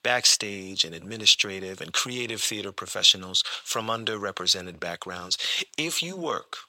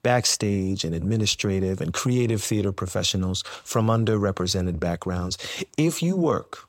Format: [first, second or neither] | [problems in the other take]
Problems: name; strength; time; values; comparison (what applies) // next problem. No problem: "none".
second | thin; somewhat; fading below 1 kHz